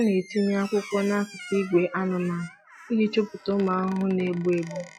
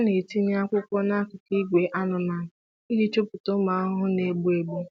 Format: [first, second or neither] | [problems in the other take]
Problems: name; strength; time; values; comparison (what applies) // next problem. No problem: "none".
second | noise reduction (classical method log-MMSE)